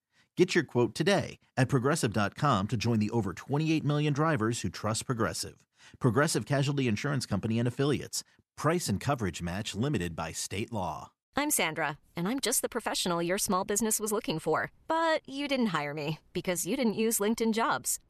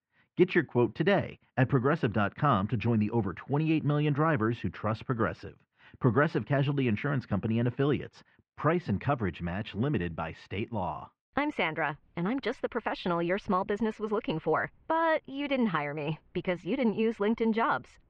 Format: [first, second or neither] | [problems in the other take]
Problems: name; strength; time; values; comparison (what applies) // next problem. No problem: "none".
first | muffled; very; fading above 3 kHz